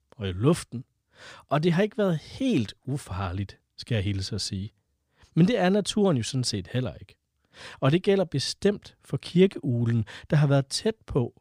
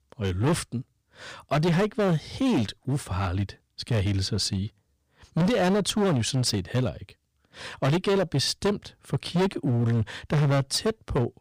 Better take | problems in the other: first | distortion; heavy; 14% of the sound clipped

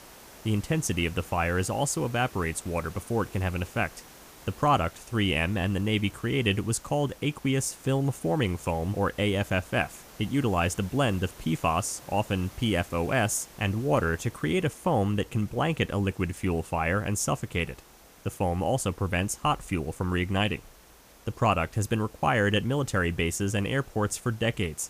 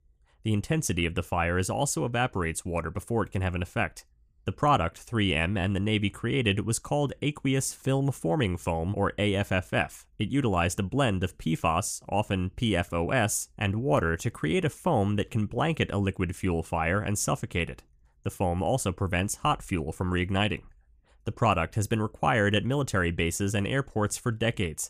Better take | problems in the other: second | hiss; faint; throughout; 20 dB below the speech

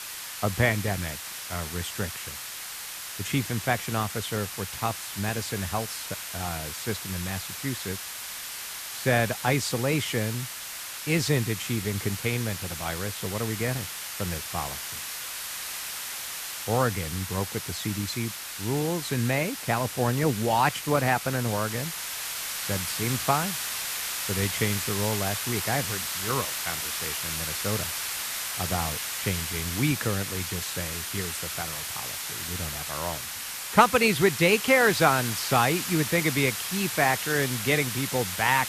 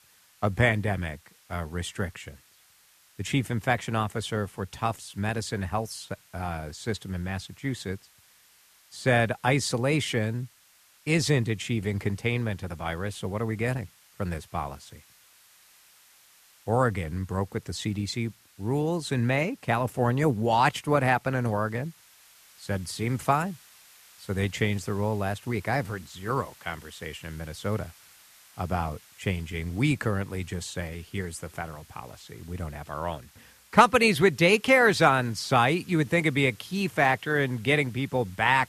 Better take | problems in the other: second | hiss; loud; throughout; 4 dB below the speech; faint in the second

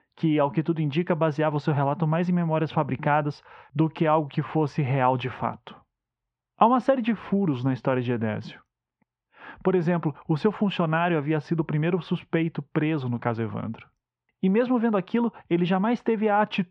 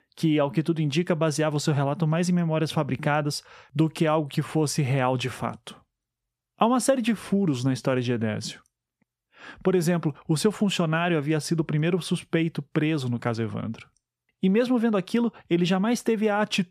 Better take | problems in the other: second | muffled; very; fading above 3 kHz

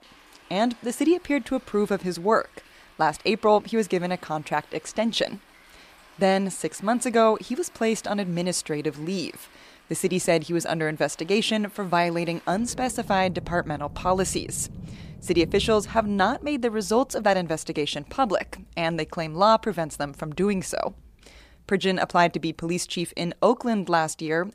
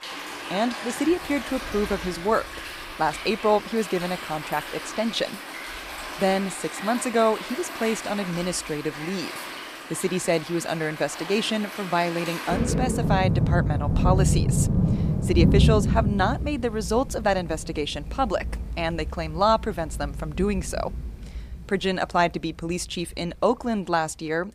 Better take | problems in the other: first | rain or running water; loud; throughout; 3 dB below the speech; faint in the first

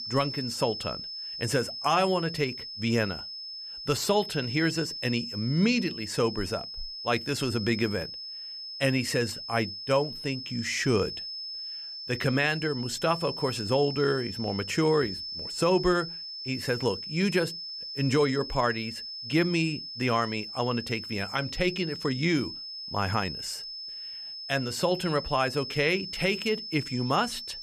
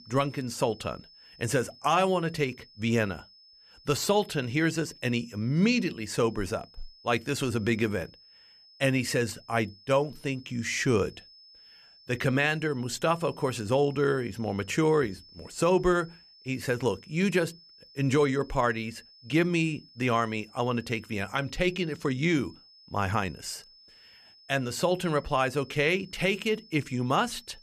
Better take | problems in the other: second | high-pitched whine; loud; throughout; 5 kHz, 7 dB below the speech; faint in the second

